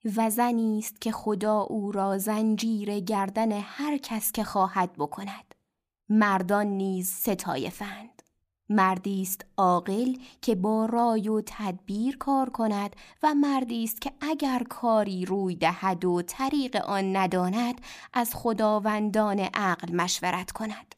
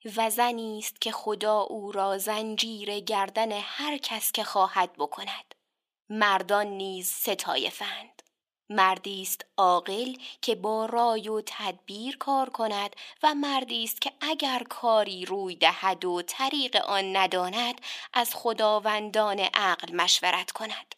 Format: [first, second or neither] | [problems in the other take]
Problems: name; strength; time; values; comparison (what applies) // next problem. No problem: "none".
first | thin; somewhat; fading below 500 Hz